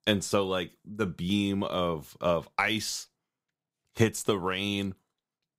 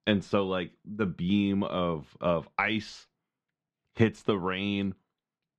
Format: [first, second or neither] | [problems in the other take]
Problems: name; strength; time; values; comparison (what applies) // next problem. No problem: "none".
first | muffled; slightly; fading above 2.5 kHz